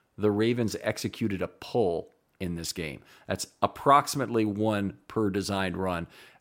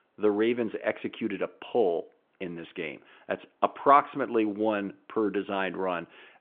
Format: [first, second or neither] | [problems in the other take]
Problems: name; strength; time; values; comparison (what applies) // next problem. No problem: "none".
first | phone-call audio